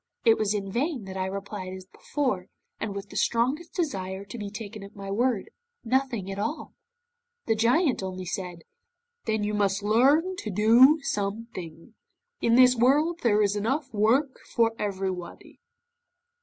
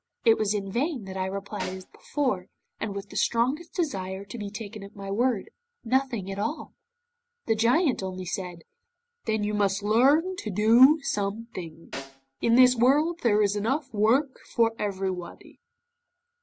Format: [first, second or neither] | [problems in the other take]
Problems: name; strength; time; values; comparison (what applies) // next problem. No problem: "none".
first | background sound (Snare drum); 16 dB below the speech